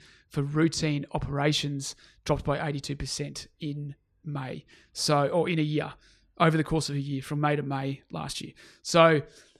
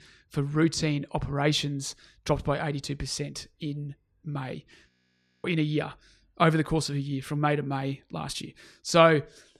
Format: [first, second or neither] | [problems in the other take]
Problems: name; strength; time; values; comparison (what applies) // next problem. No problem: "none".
first | audio freezing; at 5 s for 0.5 s